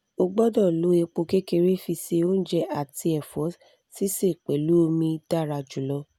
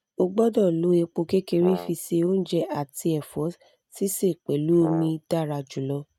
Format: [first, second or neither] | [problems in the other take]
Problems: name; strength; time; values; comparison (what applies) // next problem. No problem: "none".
first | noise reduction (neural mask model RNNoise)